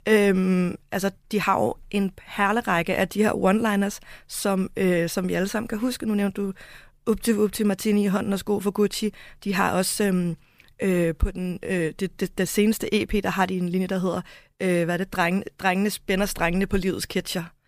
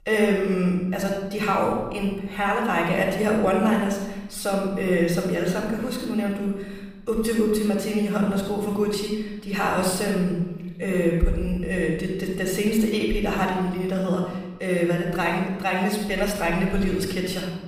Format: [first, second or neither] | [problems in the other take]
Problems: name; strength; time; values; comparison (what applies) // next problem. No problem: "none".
first | off-mic speech; far // room echo; noticeable; dies away in 1 s